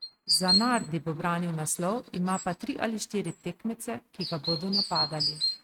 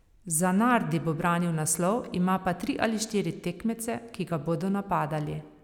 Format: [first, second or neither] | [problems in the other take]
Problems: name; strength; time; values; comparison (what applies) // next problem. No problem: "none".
second | noise reduction (neural mask model RNNoise)